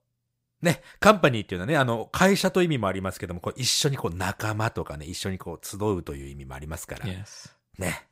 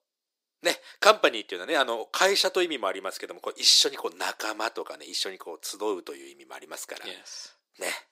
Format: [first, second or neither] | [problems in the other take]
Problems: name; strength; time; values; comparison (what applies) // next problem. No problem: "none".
first | thin; very; fading below 300 Hz